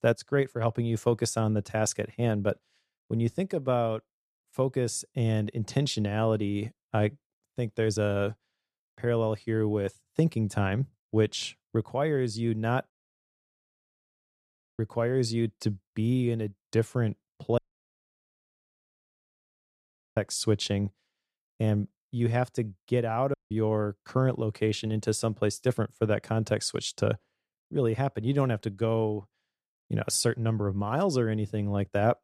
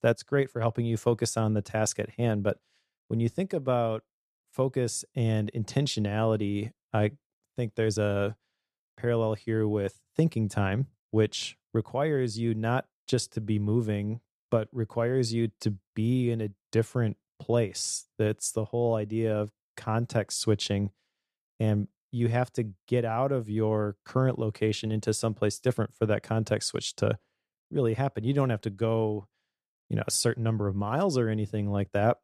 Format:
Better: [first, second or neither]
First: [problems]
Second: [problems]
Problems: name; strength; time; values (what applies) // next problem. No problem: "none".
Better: second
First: audio cutting out; at 13 s for 2 s, at 18 s for 2.5 s and at 23 s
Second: none